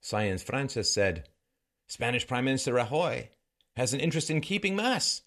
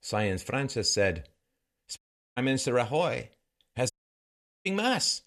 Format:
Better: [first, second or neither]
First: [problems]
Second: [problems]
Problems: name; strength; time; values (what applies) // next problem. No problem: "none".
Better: first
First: none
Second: audio cutting out; at 2 s and at 4 s for 1 s